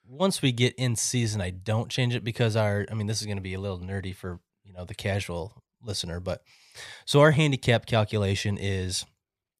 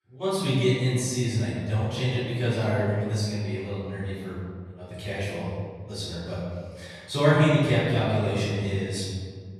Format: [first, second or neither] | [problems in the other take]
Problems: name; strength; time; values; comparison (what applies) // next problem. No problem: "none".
first | off-mic speech; far // room echo; strong; dies away in 1.8 s